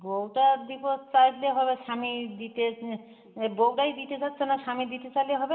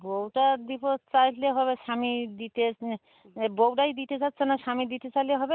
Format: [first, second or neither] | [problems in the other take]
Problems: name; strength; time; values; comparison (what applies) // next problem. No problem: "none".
second | room echo; dies away in 2.9 s